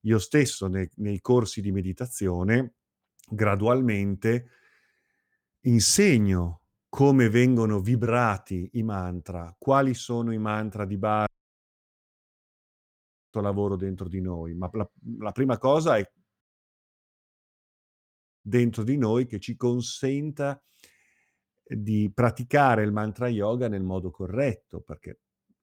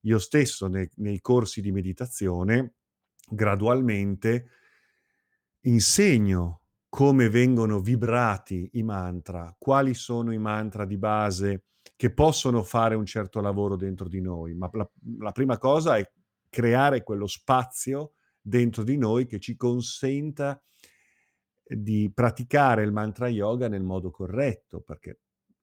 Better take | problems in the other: second | audio cutting out; at 11 s for 2 s and at 16 s for 2 s

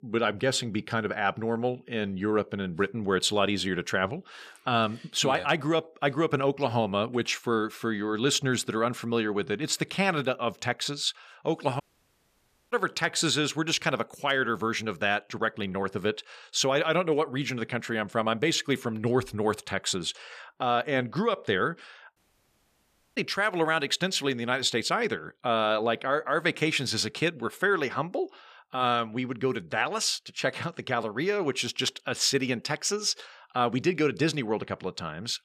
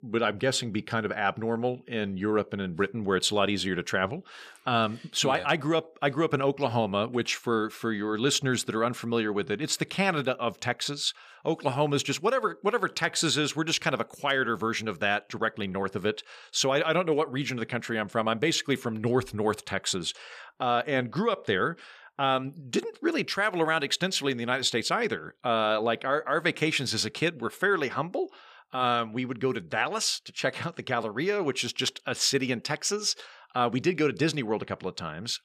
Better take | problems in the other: second | audio cutting out; at 12 s for 1 s and at 22 s for 1 s

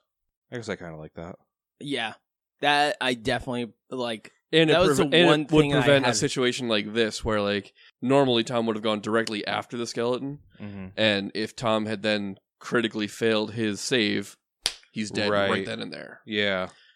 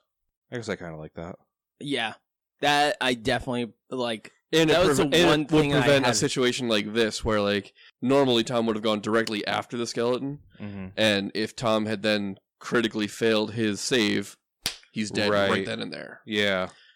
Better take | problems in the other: first | distortion; slight; 3% of the sound clipped

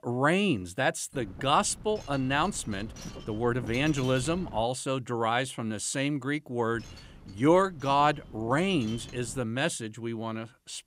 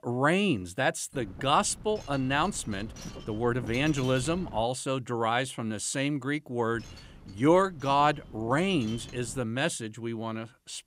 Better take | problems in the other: neither | wind noise on the microphone; occasional gusts; from 1 to 4.5 s and from 7 to 9.5 s; 20 dB below the speech; the same in both

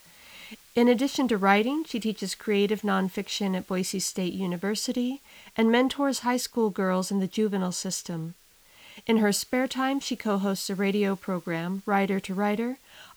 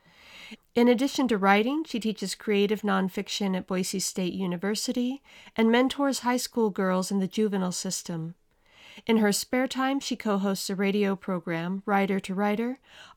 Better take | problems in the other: second | hiss; faint; throughout; 25 dB below the speech

